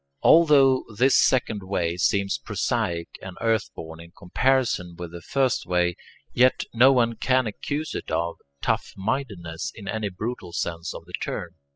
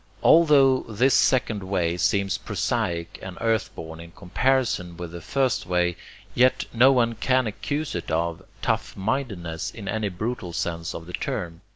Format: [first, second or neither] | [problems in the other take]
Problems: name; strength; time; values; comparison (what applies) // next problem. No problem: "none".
second | noise reduction (classical method spectral subtraction)